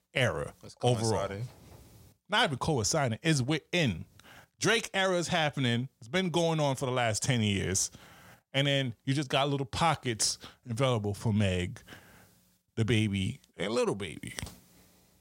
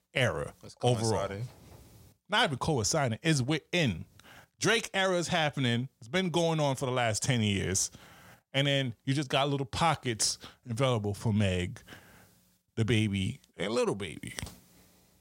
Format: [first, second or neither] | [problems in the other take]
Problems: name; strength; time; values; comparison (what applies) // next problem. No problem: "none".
neither | none